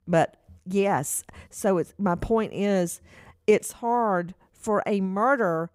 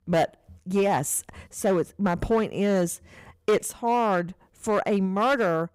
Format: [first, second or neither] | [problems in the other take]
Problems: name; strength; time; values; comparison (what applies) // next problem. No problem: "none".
first | distortion; slight; 6% of the sound clipped